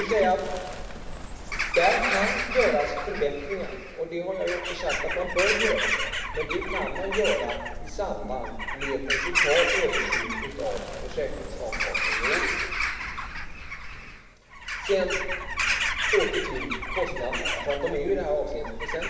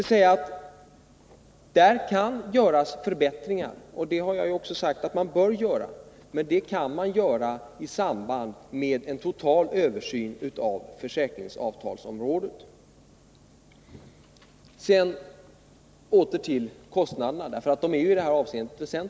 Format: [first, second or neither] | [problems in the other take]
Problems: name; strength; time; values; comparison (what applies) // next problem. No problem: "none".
second | background sound (Bird vocalization, bird call, bird song / Crow); as loud as the speech // room echo; dies away in 1.2 s